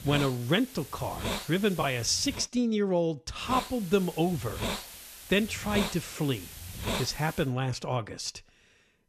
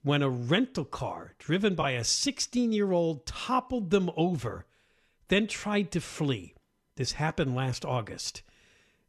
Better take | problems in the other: second | hiss; loud; until 2.5 s and from 3.5 to 7.5 s; 8 dB below the speech

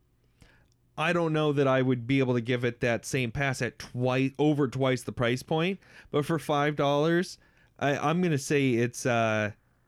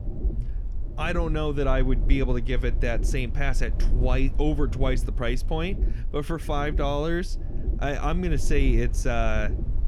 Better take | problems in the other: first | low rumble; noticeable; throughout; 15 dB below the speech

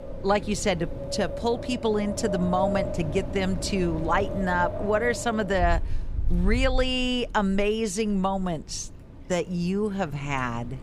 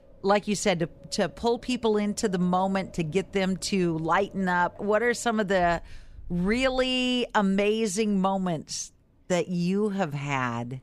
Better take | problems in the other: second | wind in the background; loud; throughout; 7 dB below the speech; faint in the second

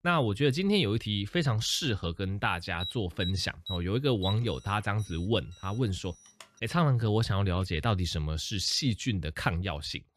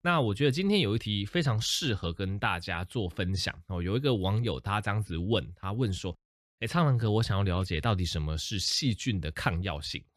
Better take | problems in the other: second | alarm; noticeable; from 3 to 6.5 s; peak 9 dB below the speech

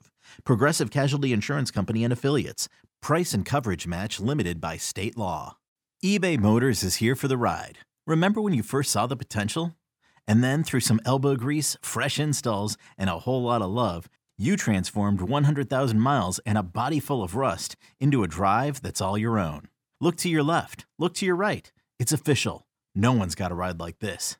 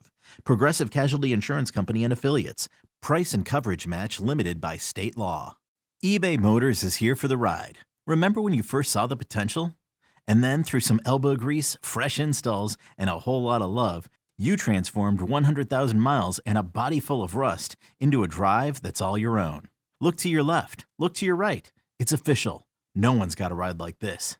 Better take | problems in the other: first | garbled, watery; slightly; nothing above 18.5 kHz

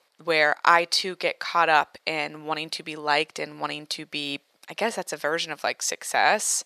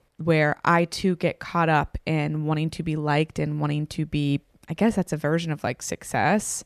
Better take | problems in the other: second | thin; very; fading below 650 Hz

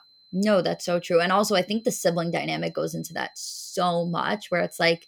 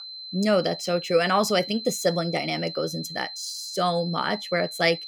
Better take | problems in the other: first | high-pitched whine; loud; throughout; 4 kHz, 9 dB below the speech; faint in the first

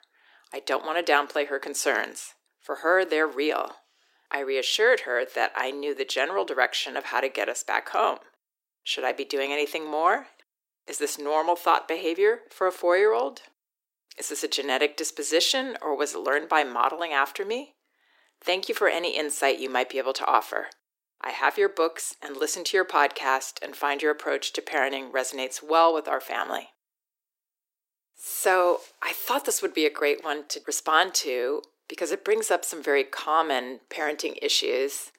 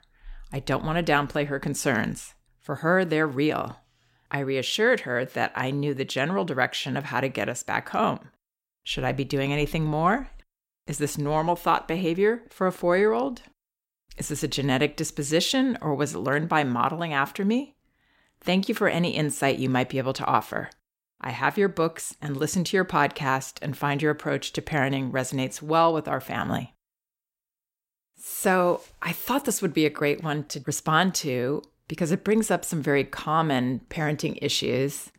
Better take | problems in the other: second | thin; very; fading below 350 Hz

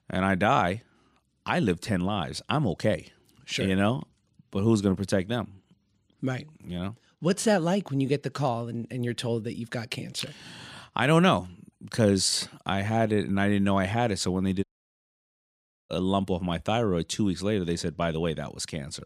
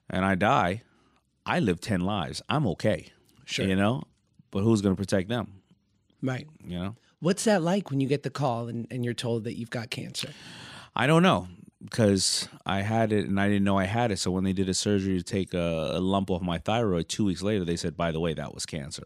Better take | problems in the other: second | audio cutting out; at 15 s for 1.5 s

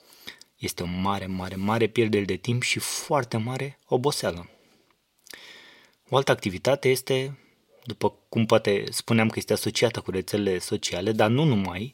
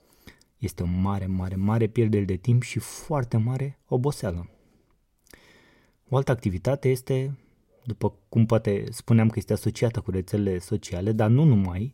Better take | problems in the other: second | thin; somewhat; fading below 550 Hz

